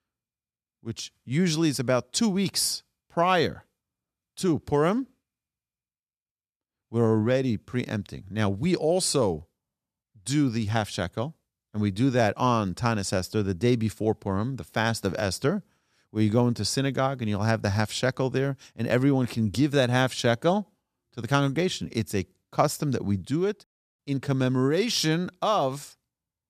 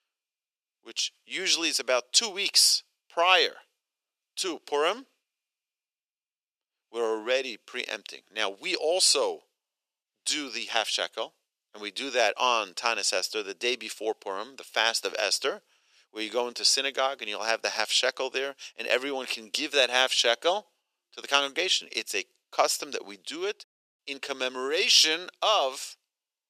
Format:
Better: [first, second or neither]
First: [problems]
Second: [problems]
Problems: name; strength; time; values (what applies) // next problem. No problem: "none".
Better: first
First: none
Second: thin; very; fading below 400 Hz